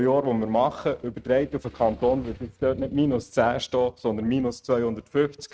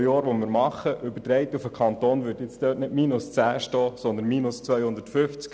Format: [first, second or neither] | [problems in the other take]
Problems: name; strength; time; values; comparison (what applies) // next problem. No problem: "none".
second | noise reduction (neural mask model RNNoise)